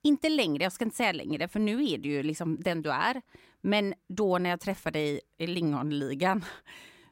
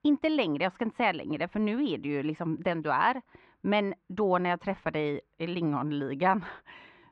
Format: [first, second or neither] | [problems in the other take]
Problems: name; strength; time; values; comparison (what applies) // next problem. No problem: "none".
first | muffled; slightly; fading above 3 kHz